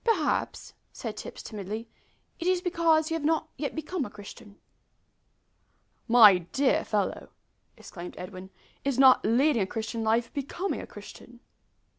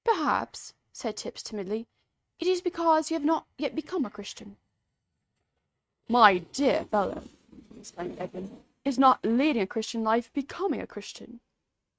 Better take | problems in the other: first | noise reduction (neural mask model RNNoise)

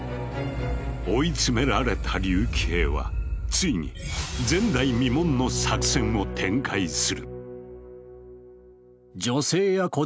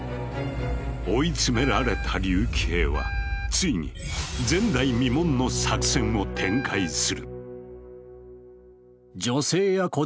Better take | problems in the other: first | background sound (Wind instrument, woodwind instrument); 14 dB below the speech

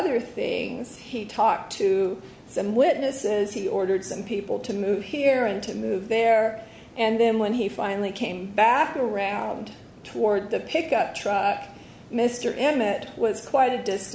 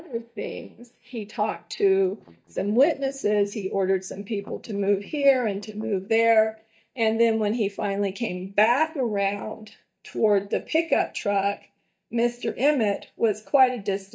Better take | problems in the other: first | noise reduction (neural mask model DeepFilterNet 3)

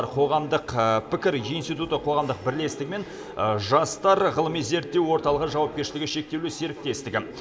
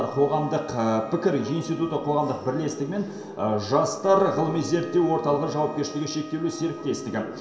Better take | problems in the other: first | background sound (Wind instrument, woodwind instrument); 19 dB below the speech // room echo; dies away in 0.7 s

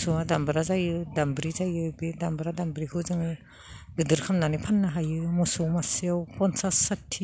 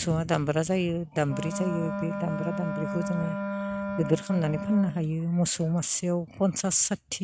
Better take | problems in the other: first | noise reduction (neural mask model RNNoise)

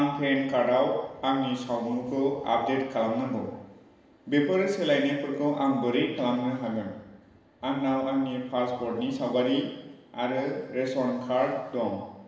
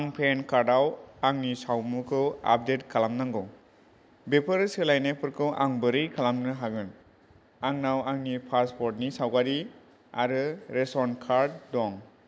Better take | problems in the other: second | room echo; dies away in 1.1 s

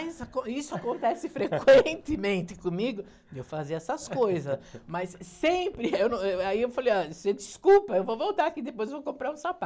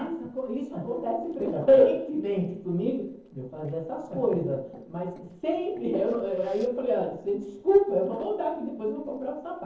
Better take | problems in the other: first | noise reduction (neural separator model SepFormer DNS4)

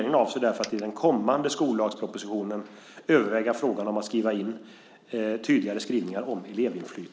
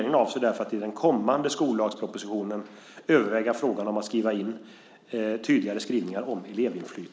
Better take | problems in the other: second | background sound (Coin (dropping)); 15 dB below the speech

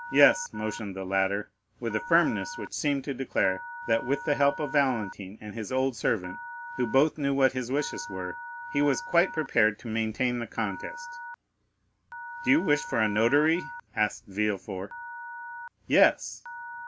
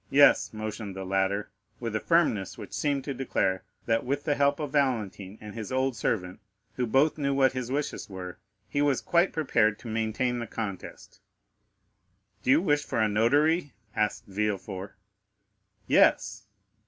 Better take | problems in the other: second | background sound (Telephone); 13 dB below the speech

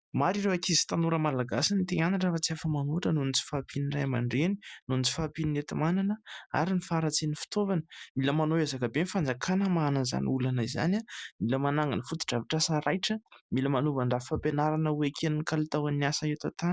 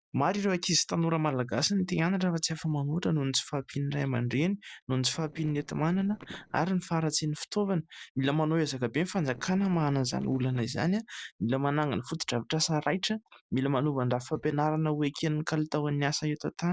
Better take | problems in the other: first | noise reduction (neural separator model SepFormer DNS4)

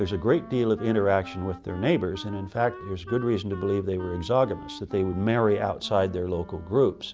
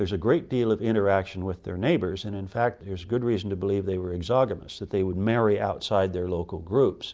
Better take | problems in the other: second | background sound (Wind instrument, woodwind instrument); 17 dB below the speech

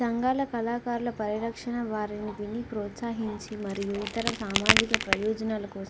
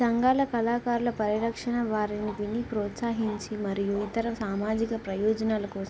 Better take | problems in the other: second | background sound (Crack); 1 dB above the speech

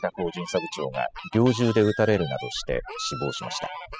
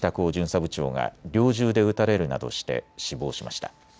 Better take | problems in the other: second | noise reduction (classical method spectral subtraction)

